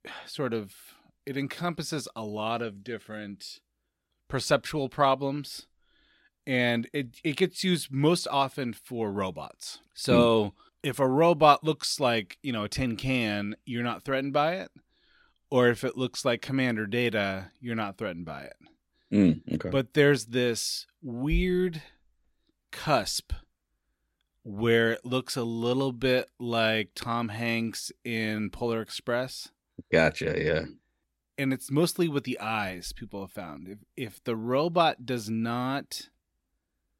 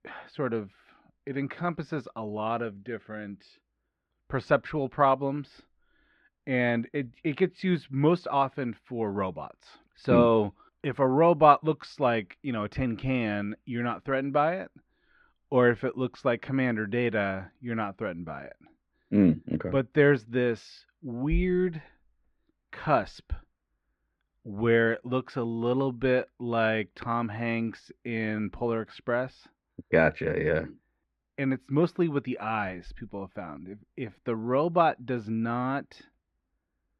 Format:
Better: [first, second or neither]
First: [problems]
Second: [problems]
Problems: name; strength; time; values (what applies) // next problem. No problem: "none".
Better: first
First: none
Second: muffled; very; fading above 1.5 kHz